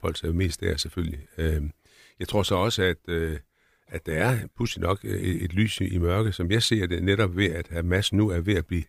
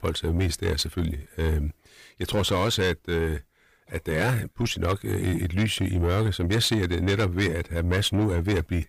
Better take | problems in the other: first | distortion; slight; 10 dB below the speech

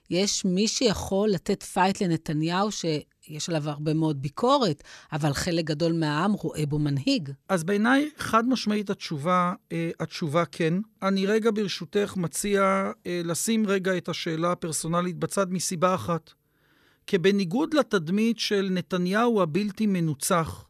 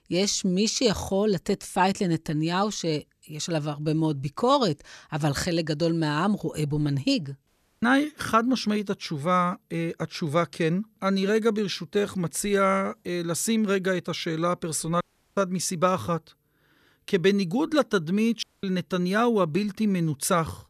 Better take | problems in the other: first | audio cutting out; at 7.5 s, at 15 s and at 18 s

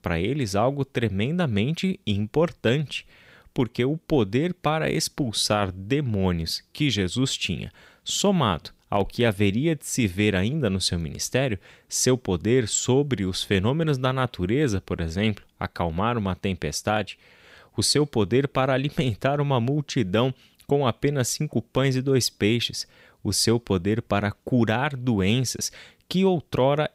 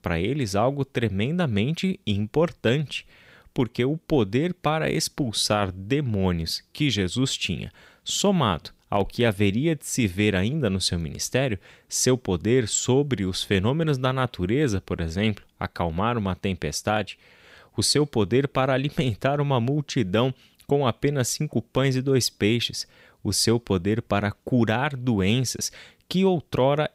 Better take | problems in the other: neither | none

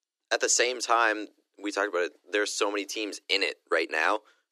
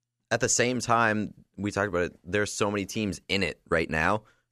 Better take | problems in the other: second | thin; very; fading below 300 Hz

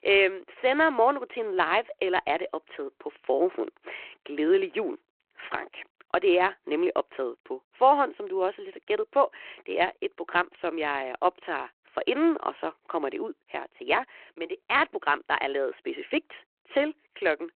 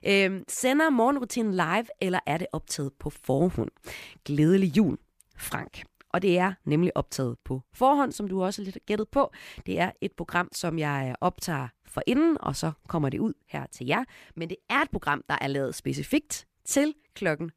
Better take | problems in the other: second | phone-call audio

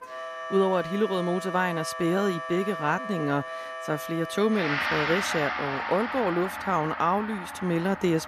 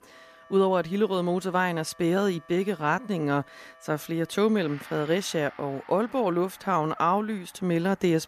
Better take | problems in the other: second | background music; loud; throughout; 5 dB below the speech; faint in the second

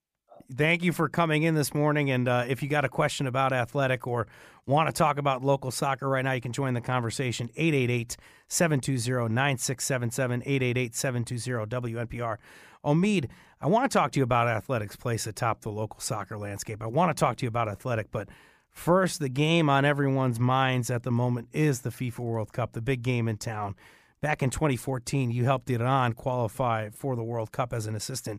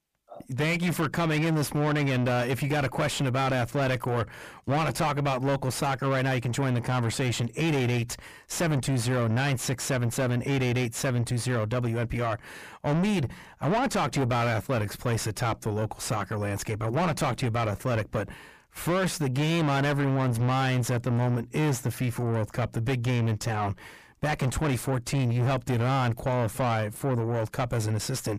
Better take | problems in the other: first | distortion; heavy; 6 dB below the speech

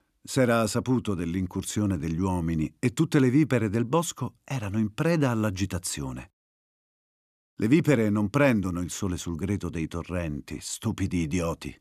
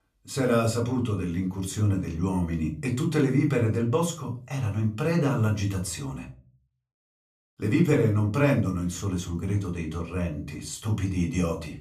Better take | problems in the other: first | off-mic speech; somewhat distant // room echo; very slight; dies away in 0.3 s

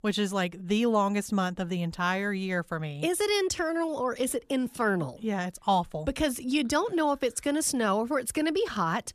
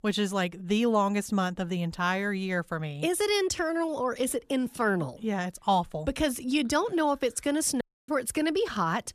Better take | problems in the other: first | audio cutting out; at 8 s

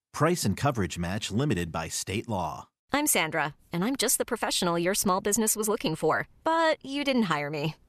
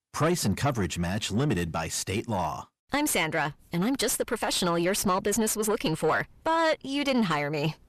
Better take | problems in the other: first | distortion; slight; 10 dB below the speech

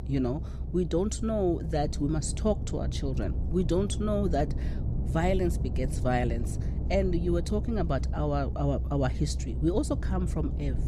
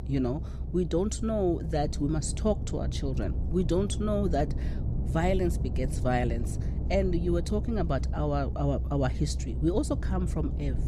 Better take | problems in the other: neither | low rumble; noticeable; throughout; 15 dB below the speech; the same in both

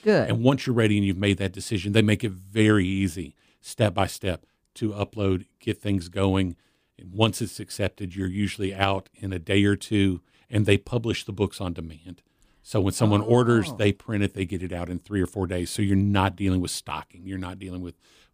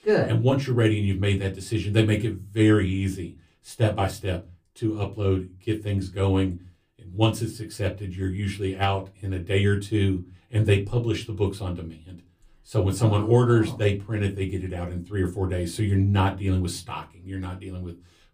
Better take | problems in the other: first | off-mic speech; far // room echo; very slight; dies away in 0.2 s

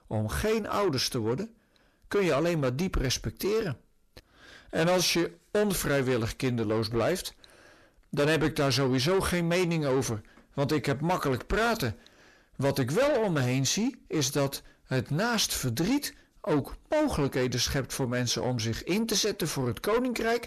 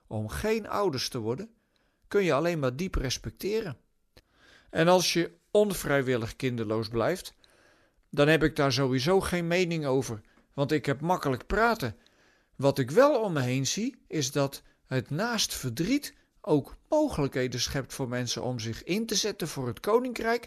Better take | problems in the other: second | distortion; heavy; 7 dB below the speech

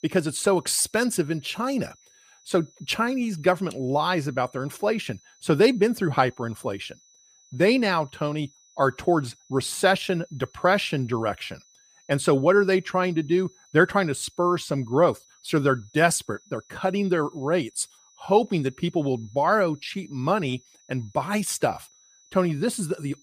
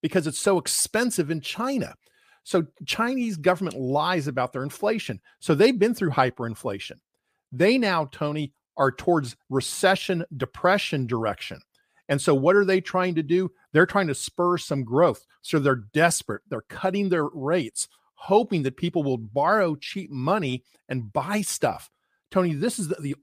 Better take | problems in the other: second | high-pitched whine; faint; throughout; 6 kHz, 30 dB below the speech

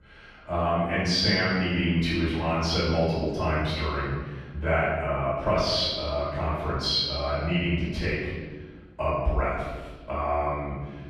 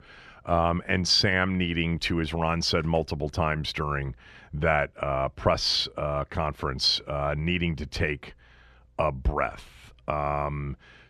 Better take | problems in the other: second | room echo; strong; dies away in 1.4 s // off-mic speech; far

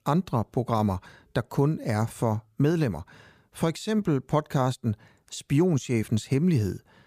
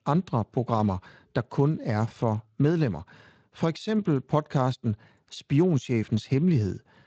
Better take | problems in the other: first | garbled, watery; slightly; nothing above 7.5 kHz

